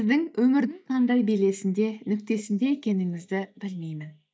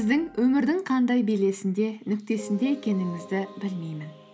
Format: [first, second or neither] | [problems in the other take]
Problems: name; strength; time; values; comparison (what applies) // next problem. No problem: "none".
second | noise reduction (neural mask model DeepFilterNet 3)